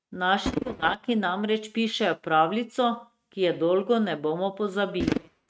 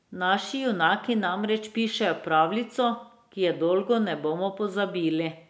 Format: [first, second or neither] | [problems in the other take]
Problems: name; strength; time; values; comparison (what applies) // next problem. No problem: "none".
second | noise reduction (neural mask model RNNoise)